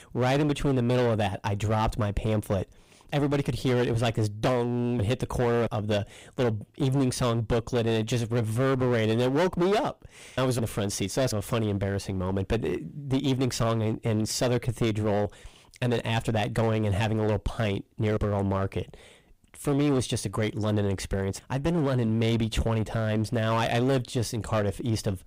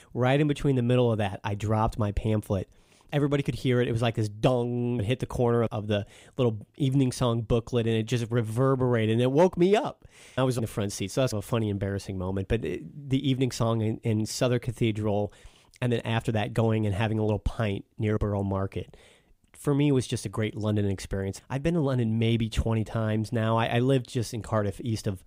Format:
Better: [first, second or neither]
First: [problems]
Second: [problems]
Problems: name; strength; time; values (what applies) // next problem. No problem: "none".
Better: second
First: distortion; heavy; 16% of the sound clipped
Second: none